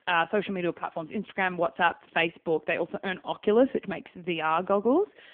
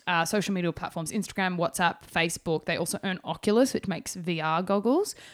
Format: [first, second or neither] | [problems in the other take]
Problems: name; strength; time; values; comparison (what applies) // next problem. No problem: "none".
second | phone-call audio; poor line